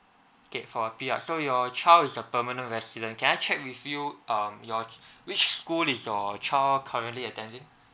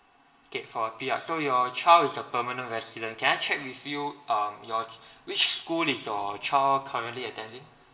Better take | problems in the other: first | room echo; dies away in 2.3 s

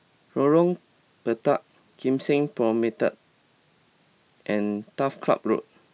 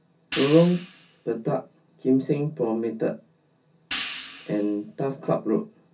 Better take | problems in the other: first | background sound (Hi-hat); 12 dB below the speech // room echo; dies away in 0.3 s

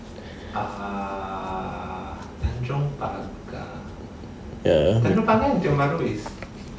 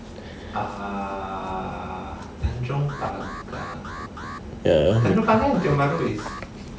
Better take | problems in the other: first | background sound (Alarm); 13 dB below the speech

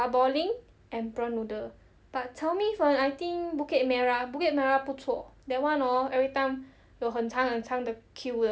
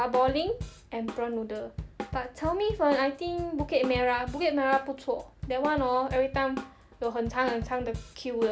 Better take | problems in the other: first | background sound (Drum kit); 11 dB below the speech

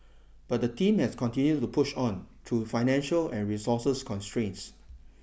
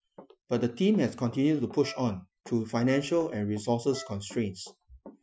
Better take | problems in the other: first | noise reduction (classical method Wiener filter)

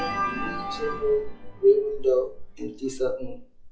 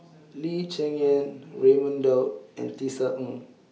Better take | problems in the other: second | noise reduction (classical method log-MMSE)

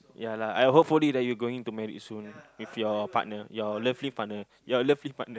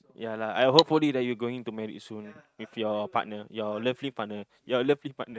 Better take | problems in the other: first | noise reduction (neural mask model RNNoise)

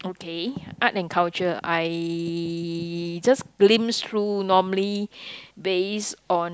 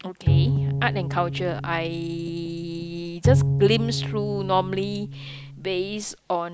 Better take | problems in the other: first | background sound (Bowed string instrument); 1 dB above the speech

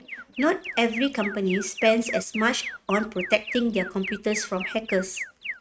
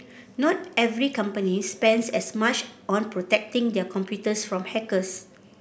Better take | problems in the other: second | noise reduction (neural mask model RNNoise)

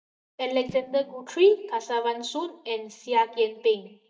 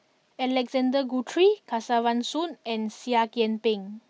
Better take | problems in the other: second | noise reduction (neural mask model DeepFilterNet 3)

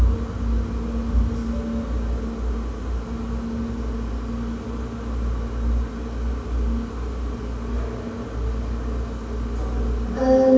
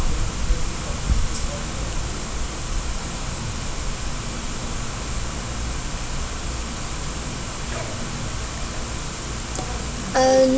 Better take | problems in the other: second | room echo; dies away in 2.2 s

